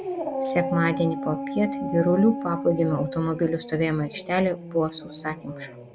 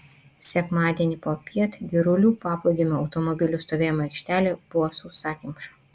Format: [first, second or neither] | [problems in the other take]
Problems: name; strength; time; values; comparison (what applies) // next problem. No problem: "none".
second | background sound (Dog); 7 dB below the speech